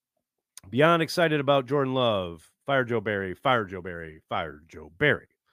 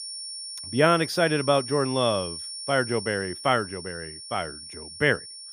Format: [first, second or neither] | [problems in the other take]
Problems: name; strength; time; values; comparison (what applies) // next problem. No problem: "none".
first | high-pitched whine; noticeable; throughout; 5.5 kHz, 10 dB below the speech